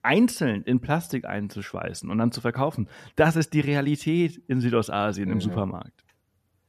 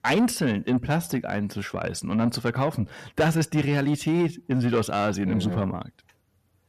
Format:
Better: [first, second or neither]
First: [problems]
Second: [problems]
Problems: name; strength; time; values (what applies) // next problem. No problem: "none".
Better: first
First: none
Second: distortion; slight; 10 dB below the speech